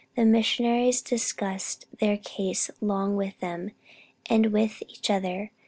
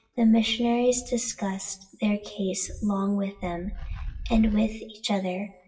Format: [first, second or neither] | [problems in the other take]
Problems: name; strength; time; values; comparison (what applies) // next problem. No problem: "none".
first | noise reduction (classical method WPE with log-MMSE)